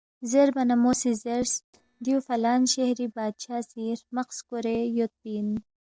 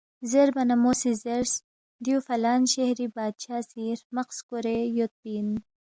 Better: second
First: noise reduction (neural separator model SepFormer DNS4)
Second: none

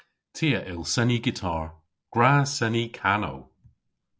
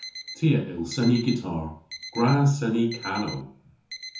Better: first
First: none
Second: background sound (Alarm); 16 dB below the speech // room echo; dies away in 0.6 s

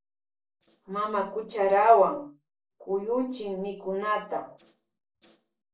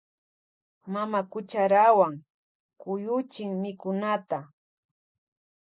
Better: second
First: noise reduction (neural separator model SepFormer DNS4)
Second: none

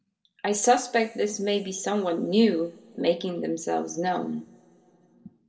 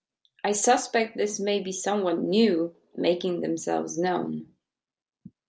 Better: second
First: room echo; dies away in 1.8 s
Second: none

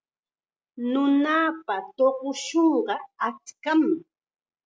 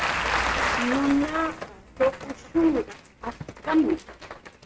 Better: first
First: none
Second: noise reduction (neural mask model RNNoise)

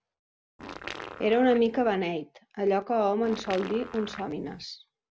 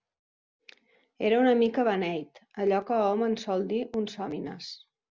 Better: second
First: background sound (Fart); 14 dB below the speech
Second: none

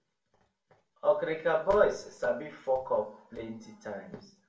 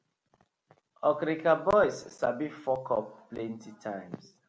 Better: second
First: room echo; dies away in 0.3 s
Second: none

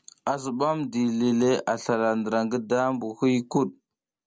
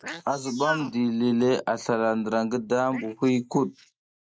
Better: first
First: none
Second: noise reduction (neural mask model Resemble Enhance denoiser)

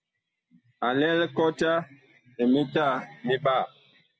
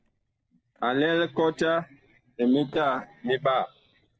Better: first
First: none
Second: noise reduction (neural separator model SepFormer DNS4)

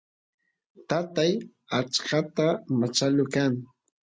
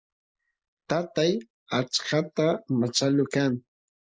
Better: first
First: none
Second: noise reduction (neural mask model Resemble Enhance denoiser)

